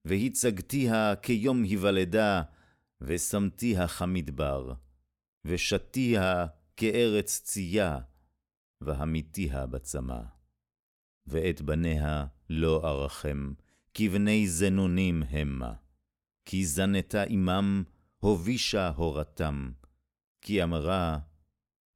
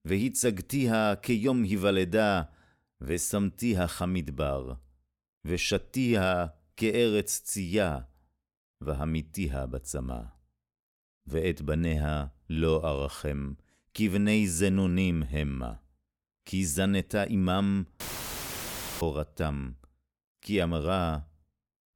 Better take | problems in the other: first | audio cutting out; filled with static; at 18 s for 1 s

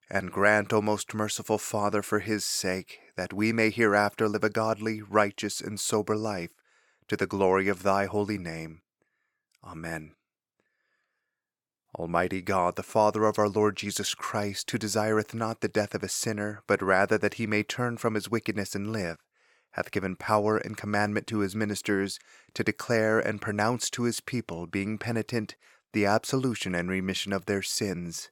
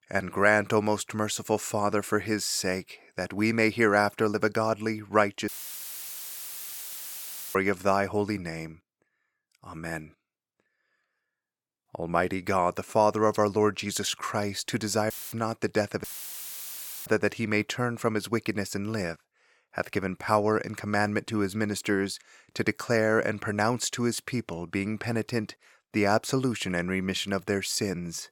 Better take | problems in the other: first | audio cutting out; filled with static; at 5.5 s for 2 s, at 15 s and at 16 s for 1 s

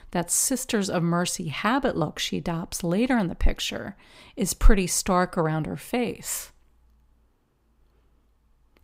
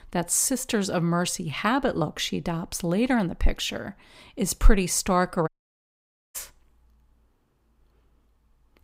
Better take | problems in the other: first | audio cutting out; at 5.5 s for 1 s

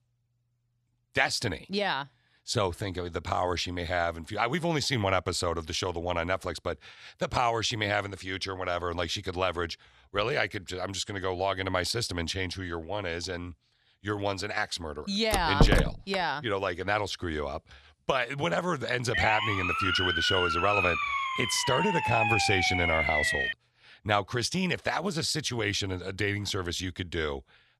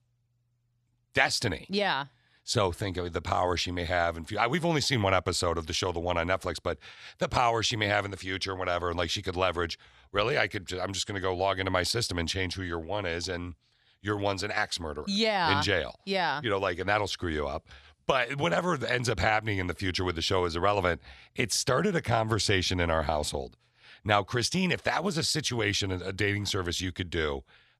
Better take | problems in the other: second | door banging; loud; at 15 s; peak 5 dB above the speech // siren; loud; from 19 to 24 s; peak 4 dB above the speech

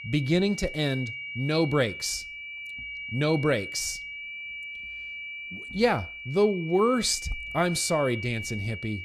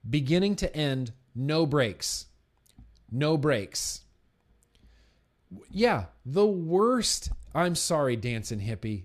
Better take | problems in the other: second | high-pitched whine; loud; throughout; 2.5 kHz, 9 dB below the speech

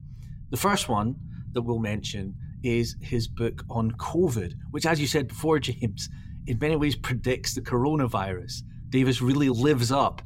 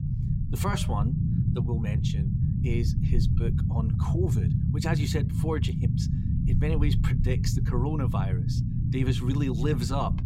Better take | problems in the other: first | low rumble; loud; throughout; 3 dB below the speech; faint in the first

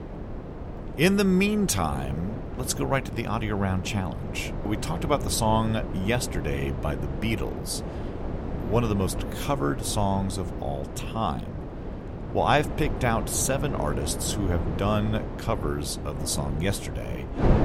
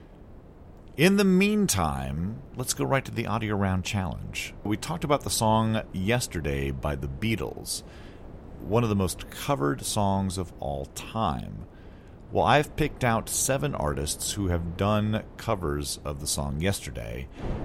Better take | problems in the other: second | wind noise on the microphone; heavy; 9 dB below the speech; occasional gusts in the second

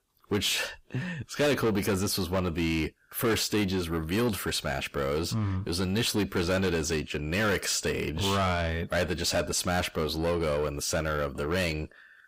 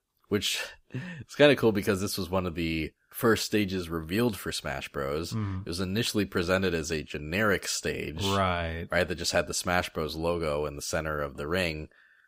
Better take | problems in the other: second | distortion; heavy; 7 dB below the speech

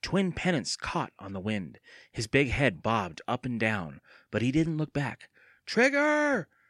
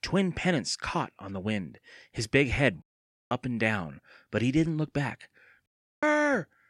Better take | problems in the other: first | audio cutting out; at 3 s and at 5.5 s

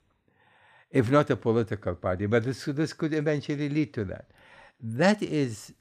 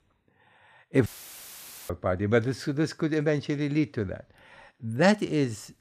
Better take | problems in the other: first | audio cutting out; filled with static; at 1 s for 1 s

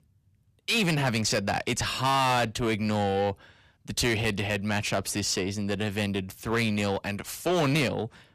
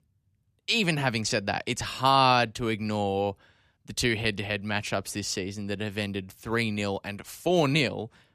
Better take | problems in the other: second | distortion; heavy; 7 dB below the speech

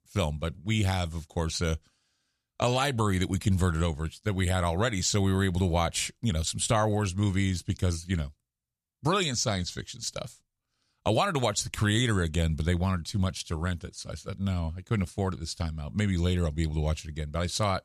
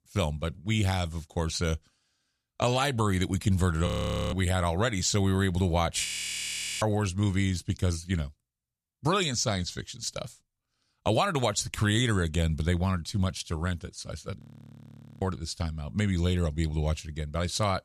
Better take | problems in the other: first | audio freezing; at 4 s, at 6 s for 1 s and at 14 s for 1 s

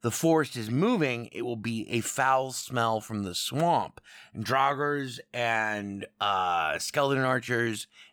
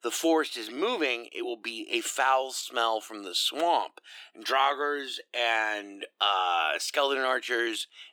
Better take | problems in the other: first | thin; somewhat; fading below 300 Hz

